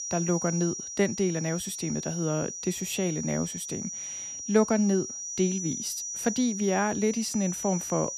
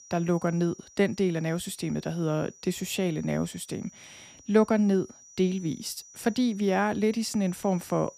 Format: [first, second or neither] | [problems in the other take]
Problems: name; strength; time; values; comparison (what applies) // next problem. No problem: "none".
second | high-pitched whine; loud; throughout; 5.5 kHz, 5 dB below the speech; faint in the second